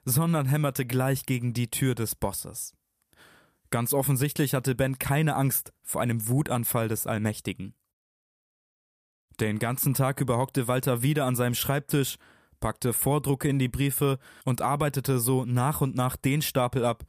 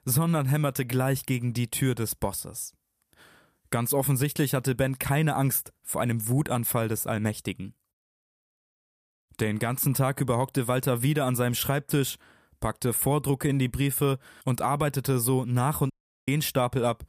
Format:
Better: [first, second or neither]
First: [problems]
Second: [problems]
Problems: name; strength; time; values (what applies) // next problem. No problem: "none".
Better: first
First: none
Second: audio cutting out; at 16 s